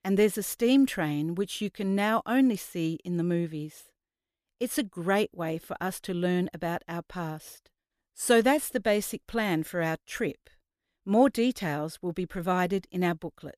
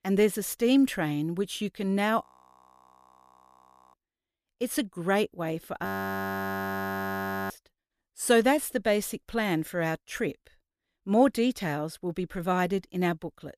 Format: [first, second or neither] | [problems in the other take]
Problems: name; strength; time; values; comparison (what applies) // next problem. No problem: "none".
first | audio freezing; at 2 s for 1.5 s and at 6 s for 1.5 s